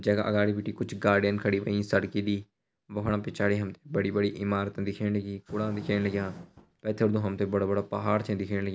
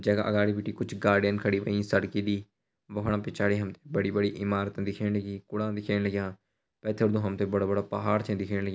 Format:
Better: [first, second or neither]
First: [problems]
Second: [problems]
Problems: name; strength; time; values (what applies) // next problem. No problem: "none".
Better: second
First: background sound (Fire); 19 dB below the speech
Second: none